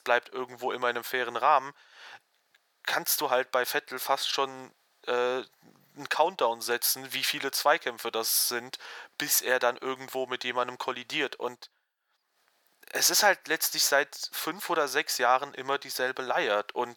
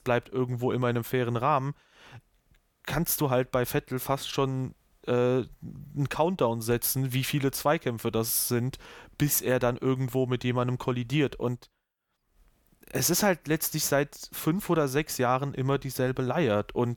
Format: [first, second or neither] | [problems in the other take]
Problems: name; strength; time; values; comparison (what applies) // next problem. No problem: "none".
second | thin; very; fading below 600 Hz